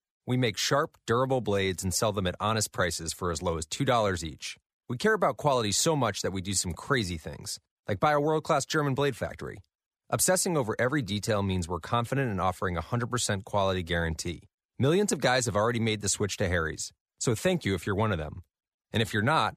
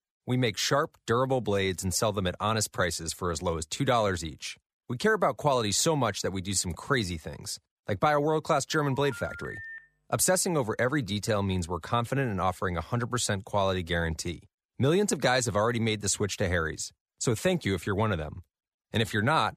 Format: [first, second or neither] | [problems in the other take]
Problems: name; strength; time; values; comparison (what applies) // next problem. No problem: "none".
first | phone ringing; faint; from 9 to 10 s; peak 10 dB below the speech